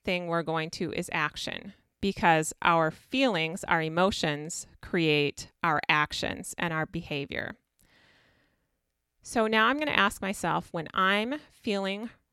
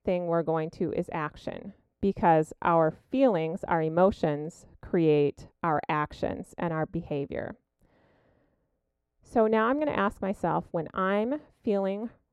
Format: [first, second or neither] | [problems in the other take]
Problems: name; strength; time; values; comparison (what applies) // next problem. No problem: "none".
first | muffled; very; fading above 1.5 kHz